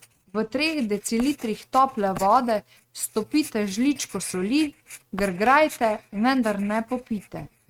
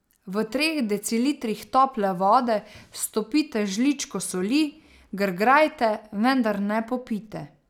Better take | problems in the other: second | noise reduction (neural mask model RNNoise)

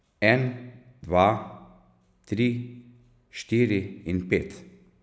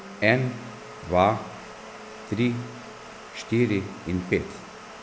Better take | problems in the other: first | background sound (Domestic sounds, home sounds); 14 dB below the speech

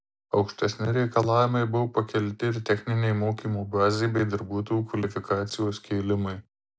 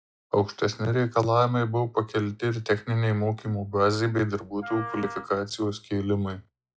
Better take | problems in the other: first | noise reduction (classical method log-MMSE)

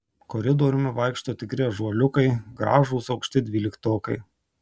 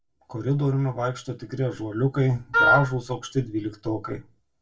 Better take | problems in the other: first | background sound (Wind instrument, woodwind instrument); 4 dB above the speech // room echo; dies away in 0.2 s

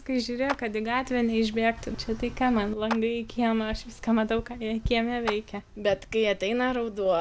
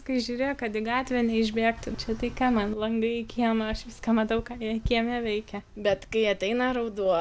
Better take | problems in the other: second | background sound (Clapping); 14 dB below the speech

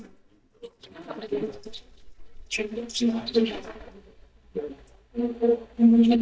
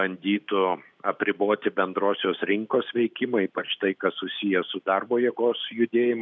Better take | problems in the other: second | noise reduction (neural mask model DeepFilterNet 3)

